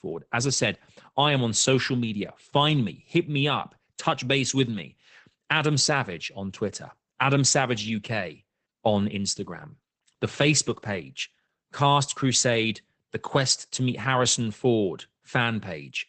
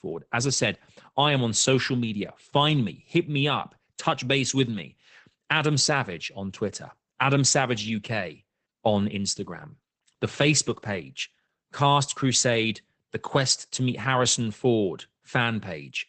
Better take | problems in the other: neither | garbled, watery; badly; nothing above 8 kHz; the same in both

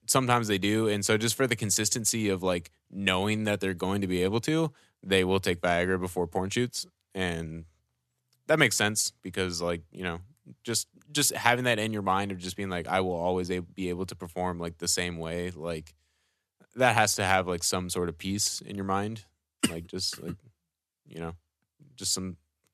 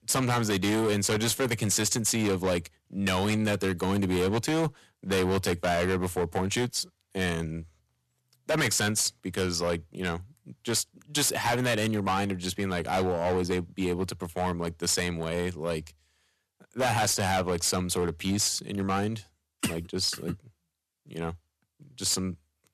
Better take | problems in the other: first | distortion; heavy; 12% of the sound clipped

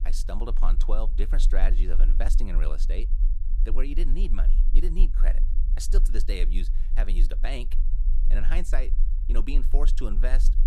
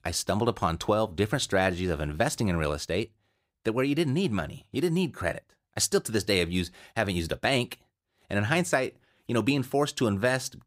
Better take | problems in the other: second | low rumble; noticeable; throughout; 15 dB below the speech

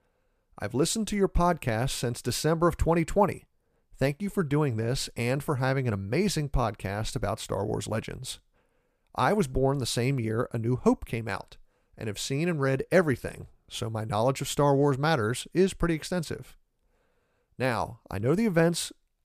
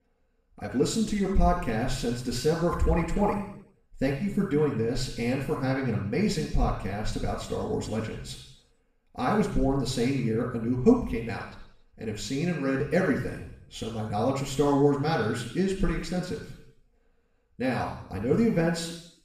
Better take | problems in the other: first | room echo; noticeable; dies away in 0.7 s // off-mic speech; far

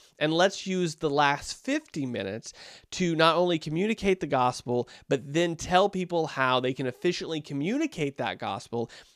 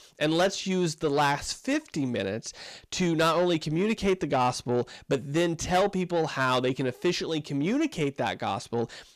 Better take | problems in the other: first | distortion; slight; 10 dB below the speech

